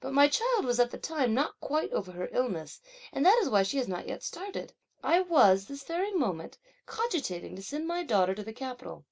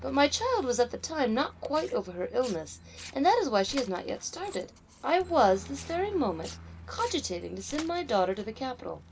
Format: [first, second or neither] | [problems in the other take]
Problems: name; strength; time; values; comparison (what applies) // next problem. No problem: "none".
first | background sound (Tearing + Aircraft); 17 dB below the speech